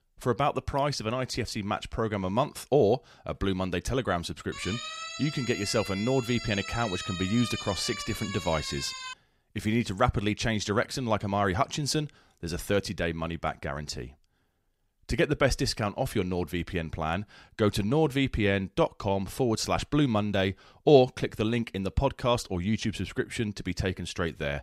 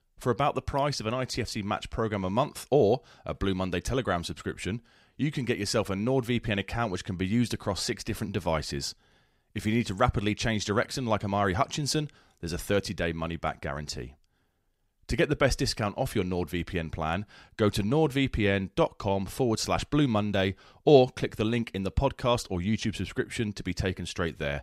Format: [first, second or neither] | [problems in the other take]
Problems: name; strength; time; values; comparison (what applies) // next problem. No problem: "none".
second | siren; noticeable; from 4.5 to 9 s; peak 6 dB below the speech